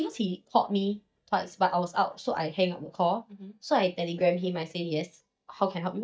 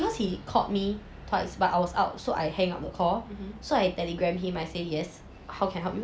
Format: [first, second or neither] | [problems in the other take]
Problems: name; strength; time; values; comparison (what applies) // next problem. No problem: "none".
second | noise reduction (neural mask model DeepFilterNet 3)